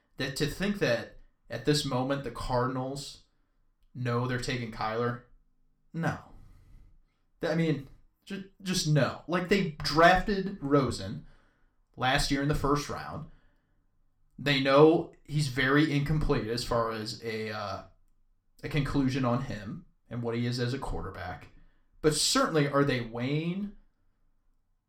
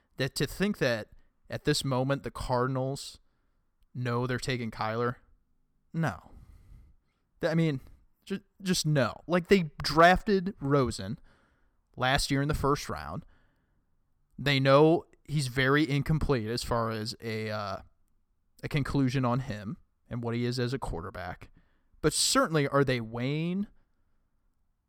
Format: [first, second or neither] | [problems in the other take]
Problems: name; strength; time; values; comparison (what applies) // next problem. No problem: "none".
second | room echo; very slight; dies away in 0.3 s